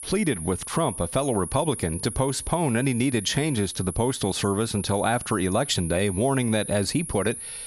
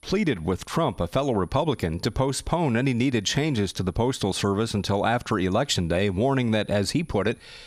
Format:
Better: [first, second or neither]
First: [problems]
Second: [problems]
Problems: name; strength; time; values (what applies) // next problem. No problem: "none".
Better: second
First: high-pitched whine; loud; throughout; 10.5 kHz, 9 dB below the speech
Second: high-pitched whine; faint; throughout; 10.5 kHz, 35 dB below the speech